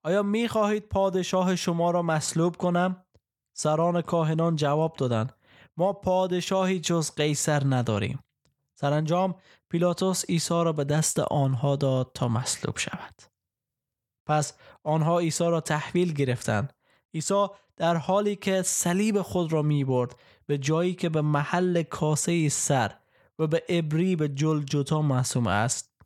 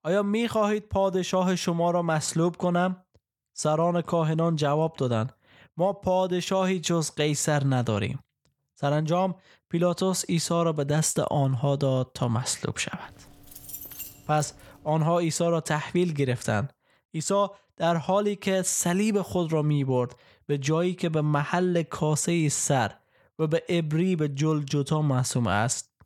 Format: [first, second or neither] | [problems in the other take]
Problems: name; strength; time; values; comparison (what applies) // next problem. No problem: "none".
first | jangling keys; noticeable; from 13 to 15 s; peak 10 dB below the speech